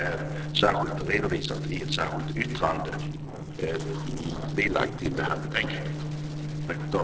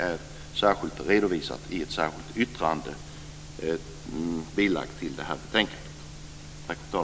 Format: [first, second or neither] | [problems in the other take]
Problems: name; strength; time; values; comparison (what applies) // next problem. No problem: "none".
second | noise reduction (neural separator model SepFormer DNS4)